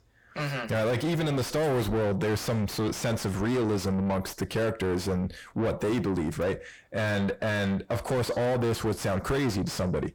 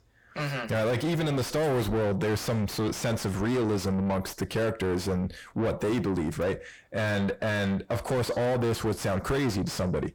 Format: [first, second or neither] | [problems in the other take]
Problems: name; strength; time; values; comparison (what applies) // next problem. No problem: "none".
neither | distortion; heavy; 5 dB below the speech; the same in both